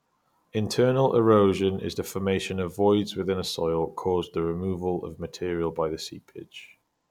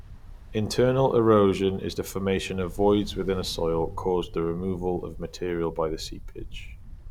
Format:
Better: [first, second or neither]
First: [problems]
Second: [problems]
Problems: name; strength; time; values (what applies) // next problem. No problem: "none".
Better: first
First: none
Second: background sound (Ocean); 14 dB below the speech